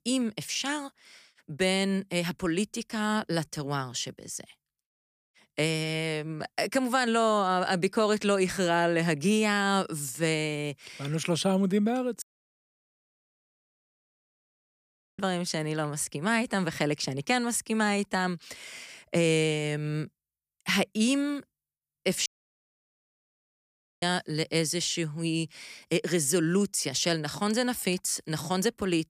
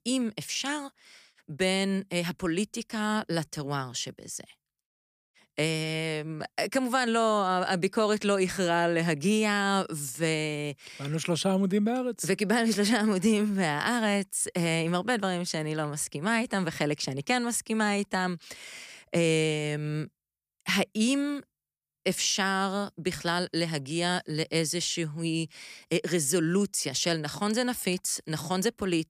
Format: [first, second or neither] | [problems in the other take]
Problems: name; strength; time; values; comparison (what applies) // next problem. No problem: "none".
second | audio cutting out; at 12 s for 3 s and at 22 s for 2 s